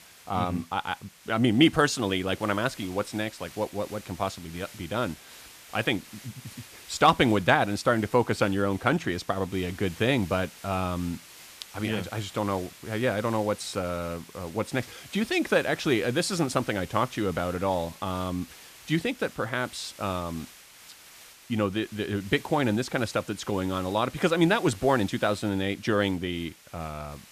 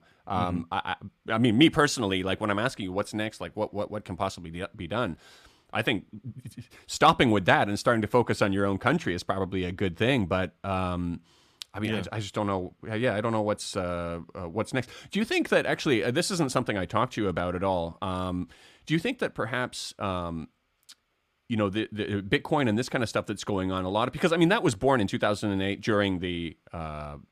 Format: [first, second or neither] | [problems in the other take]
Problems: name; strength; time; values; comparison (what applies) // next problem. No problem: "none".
second | hiss; noticeable; throughout; 20 dB below the speech